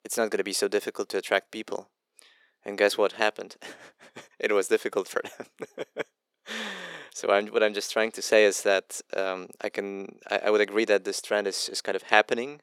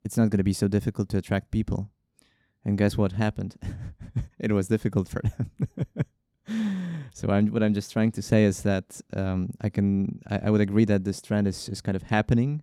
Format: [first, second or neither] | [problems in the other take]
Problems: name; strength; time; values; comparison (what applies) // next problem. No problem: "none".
second | thin; very; fading below 450 Hz